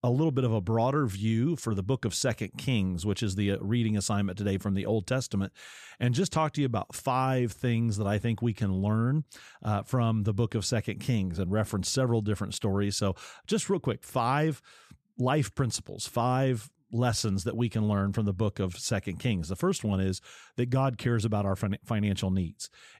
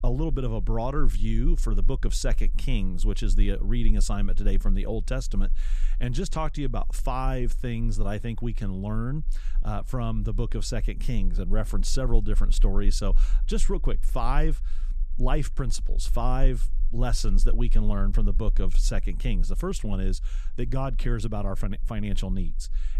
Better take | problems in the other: first | low rumble; faint; throughout; 25 dB below the speech

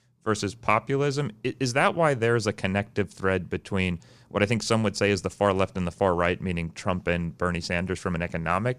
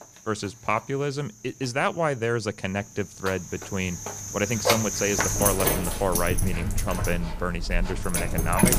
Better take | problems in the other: first | animal sounds; very loud; throughout; 1 dB above the speech

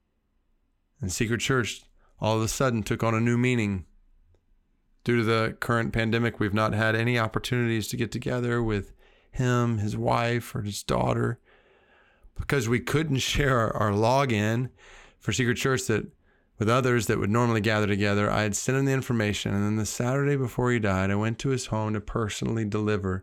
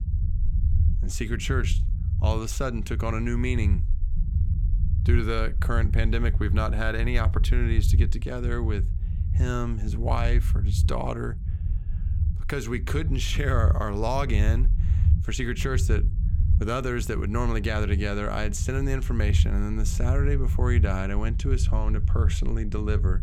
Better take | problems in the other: first | low rumble; noticeable; throughout; 10 dB below the speech

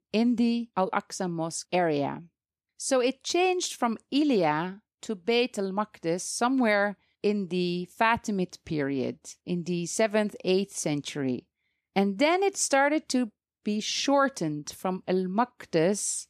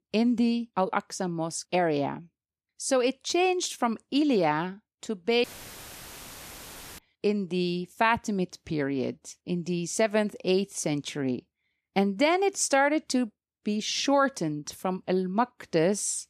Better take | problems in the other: first | audio cutting out; filled with static; at 5.5 s for 1.5 s

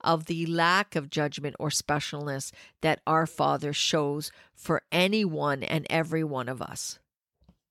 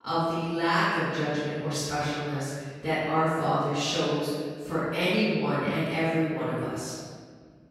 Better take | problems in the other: first | off-mic speech; far // room echo; strong; dies away in 1.7 s

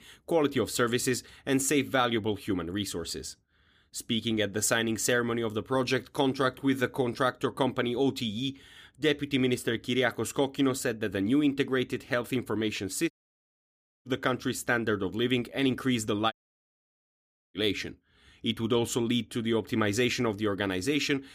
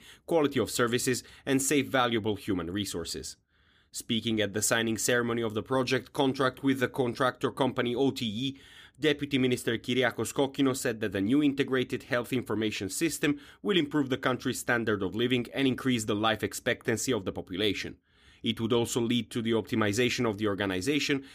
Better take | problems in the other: second | audio cutting out; at 13 s for 1 s and at 16 s for 1 s

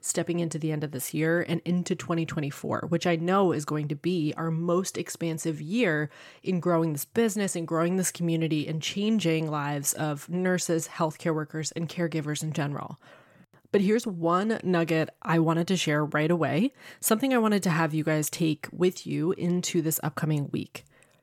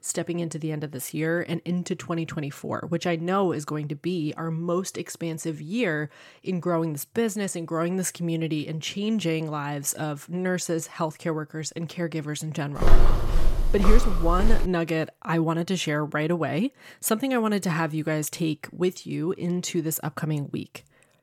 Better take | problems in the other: first | footsteps; loud; from 13 to 15 s; peak 5 dB above the speech

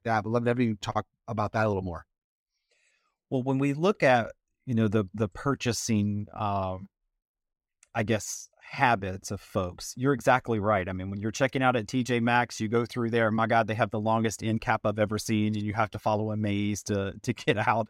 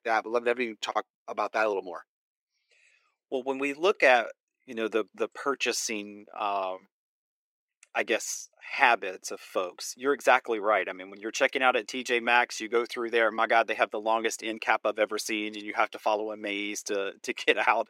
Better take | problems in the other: first | thin; somewhat; fading below 350 Hz

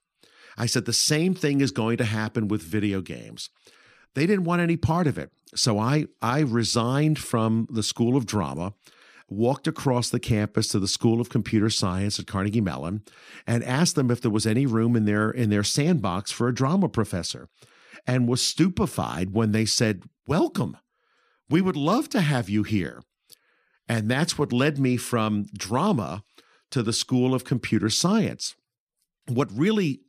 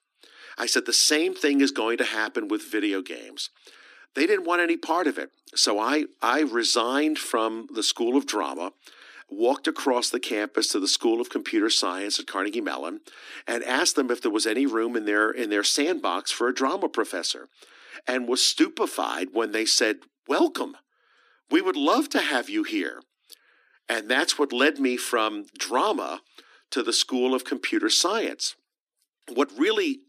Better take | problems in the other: first | thin; somewhat; fading below 250 Hz

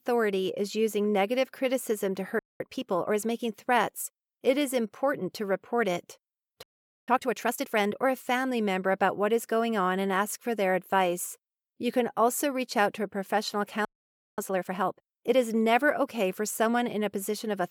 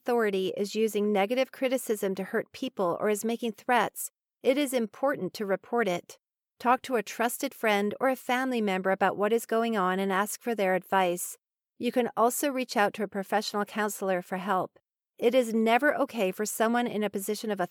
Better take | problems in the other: second | audio freezing; at 2.5 s, at 6.5 s and at 14 s for 0.5 s

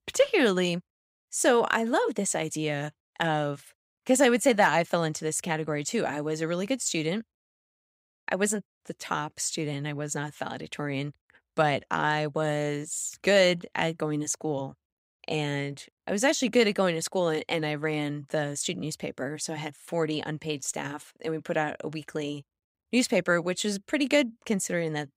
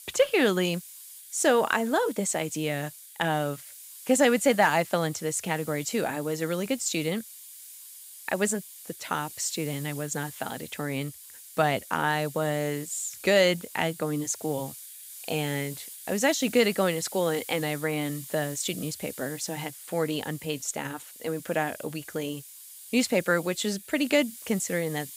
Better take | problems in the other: first | hiss; noticeable; throughout; 15 dB below the speech

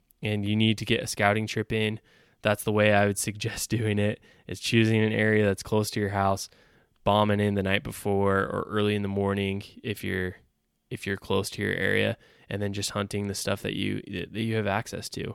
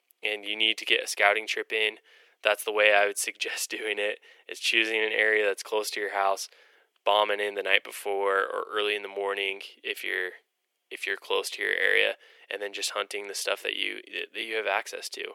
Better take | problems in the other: first | thin; very; fading below 400 Hz

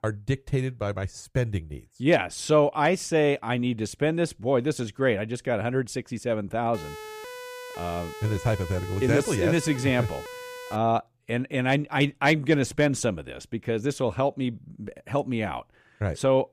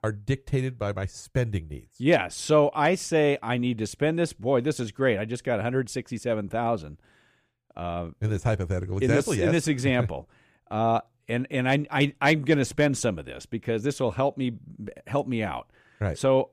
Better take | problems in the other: second | siren; faint; from 6.5 to 11 s; peak 15 dB below the speech

